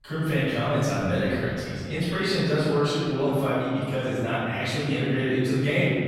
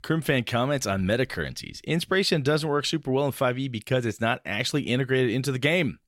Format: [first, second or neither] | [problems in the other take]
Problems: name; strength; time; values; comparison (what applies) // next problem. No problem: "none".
second | room echo; strong; dies away in 2.5 s // off-mic speech; far